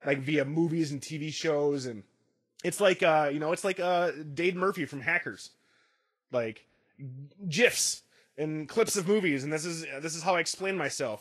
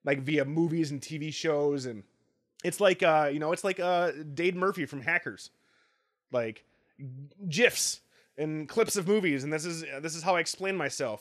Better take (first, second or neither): second